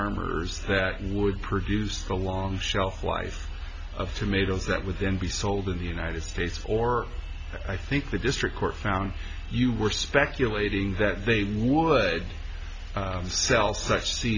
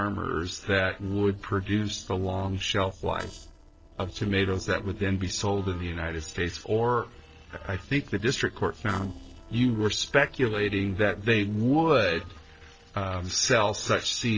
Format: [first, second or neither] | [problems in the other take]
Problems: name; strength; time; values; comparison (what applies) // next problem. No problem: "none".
first | noise reduction (neural separator model SepFormer DNS4)